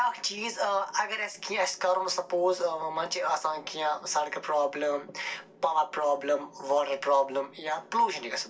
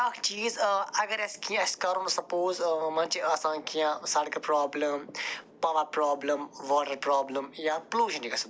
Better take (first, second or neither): second